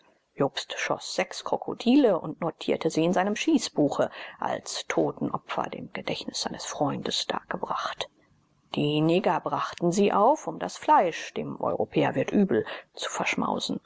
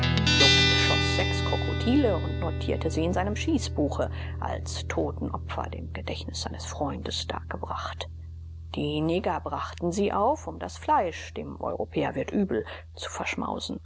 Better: first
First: none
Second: background sound (Guitar); as loud as the speech

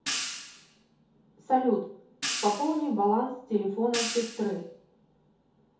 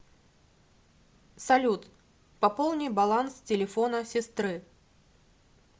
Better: second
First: background sound (Hi-hat); 8 dB below the speech // room echo; dies away in 0.5 s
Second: none

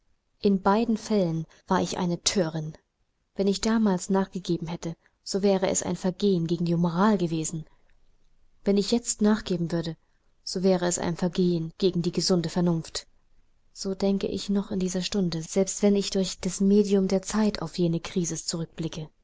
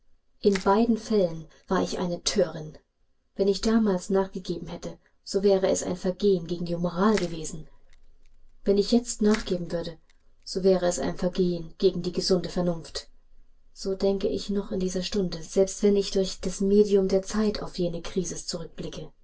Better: first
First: none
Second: background sound (Crushing); 19 dB below the speech // room echo; dies away in 0.1 s

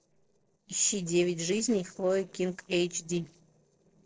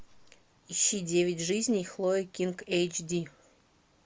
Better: second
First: noise reduction (neural separator model SepFormer DNS4)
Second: none

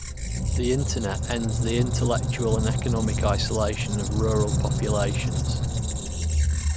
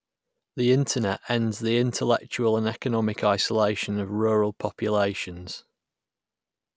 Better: second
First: background sound (Squeak); 4 dB above the speech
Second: none

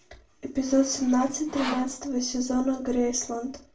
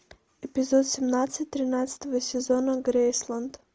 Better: second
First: background sound (Sawing); 13 dB below the speech // room echo; dies away in 0.3 s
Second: none

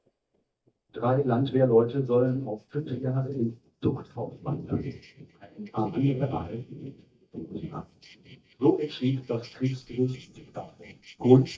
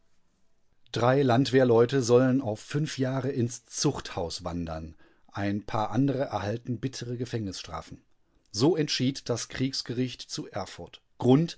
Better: second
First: noise reduction (neural mask model DeepFilterNet 3)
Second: none

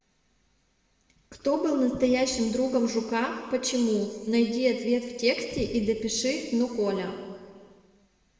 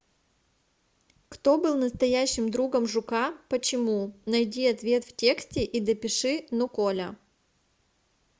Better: second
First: room echo; dies away in 1.6 s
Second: none

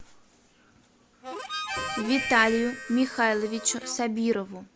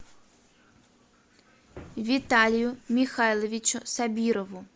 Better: second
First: background sound (Harmonica); 8 dB below the speech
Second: none

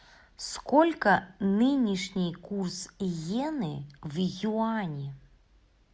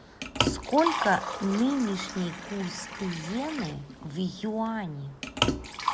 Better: first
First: none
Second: background sound (Liquid); 3 dB below the speech

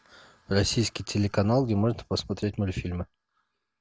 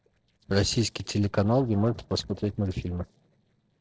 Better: first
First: none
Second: noise reduction (neural separator model SepFormer DNS4)

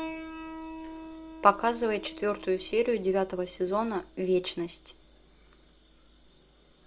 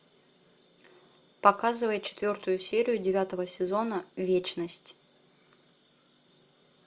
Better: second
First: background sound (Piano); 14 dB below the speech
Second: none

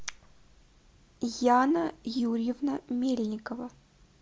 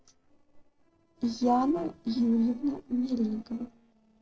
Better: first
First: none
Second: noise reduction (neural separator model SepFormer DNS4)

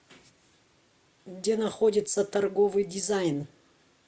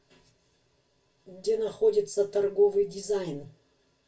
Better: first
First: none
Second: room echo; dies away in 0.2 s

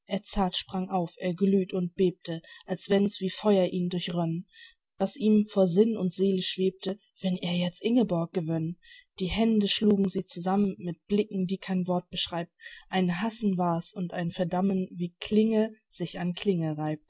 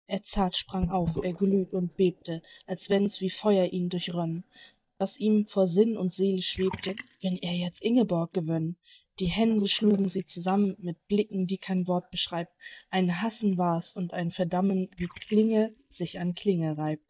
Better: first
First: none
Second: noise reduction (neural mask model DeepFilterNet 3)

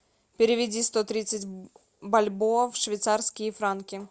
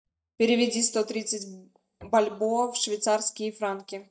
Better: first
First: none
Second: noise reduction (neural mask model DeepFilterNet 3)

